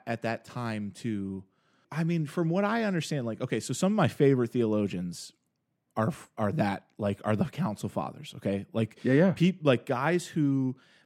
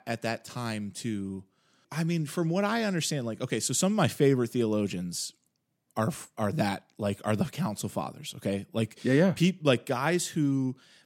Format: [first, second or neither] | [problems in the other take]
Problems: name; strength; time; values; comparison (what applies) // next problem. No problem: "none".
second | muffled; slightly; fading above 3.5 kHz